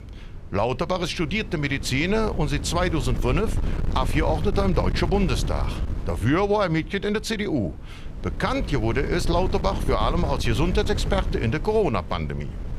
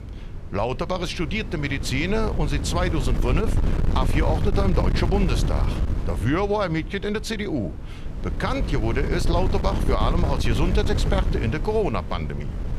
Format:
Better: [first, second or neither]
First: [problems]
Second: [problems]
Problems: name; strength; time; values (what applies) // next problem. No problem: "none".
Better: first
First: wind noise on the microphone; occasional gusts; 15 dB below the speech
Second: wind noise on the microphone; heavy; 9 dB below the speech